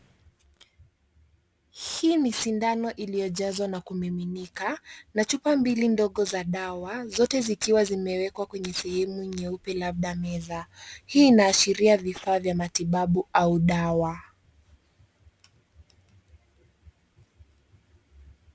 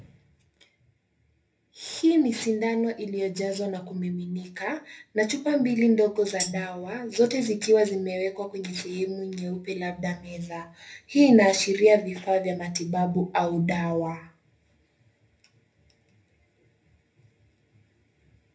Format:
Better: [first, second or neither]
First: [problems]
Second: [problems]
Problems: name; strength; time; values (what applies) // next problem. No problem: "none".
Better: first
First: none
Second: background sound (Tambourine); 10 dB below the speech // room echo; dies away in 0.3 s